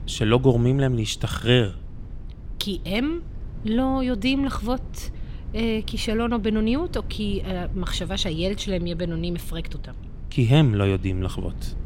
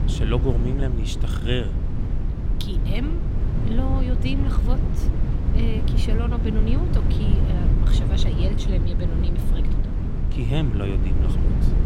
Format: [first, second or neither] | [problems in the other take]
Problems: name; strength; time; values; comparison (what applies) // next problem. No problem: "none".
first | low rumble; loud; throughout; 2 dB below the speech; faint in the first